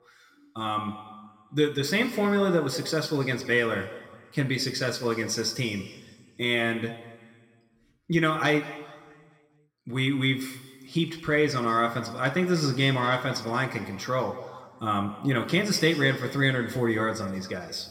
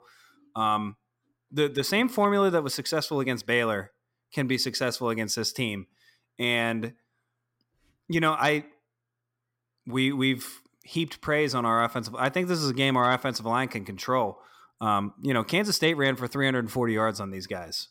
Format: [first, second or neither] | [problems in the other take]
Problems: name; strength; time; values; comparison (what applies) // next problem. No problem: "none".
second | room echo; slight; dies away in 1.5 s // off-mic speech; somewhat distant